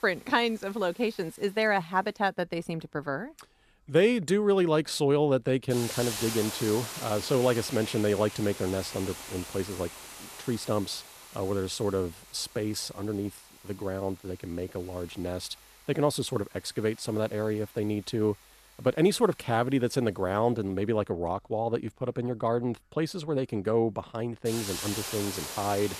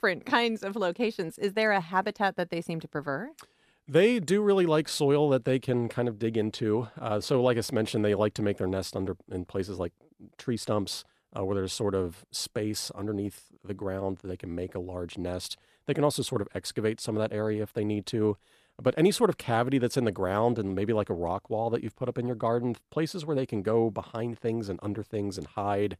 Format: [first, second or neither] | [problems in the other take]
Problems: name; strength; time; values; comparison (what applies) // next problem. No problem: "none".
second | hiss; loud; throughout; 9 dB below the speech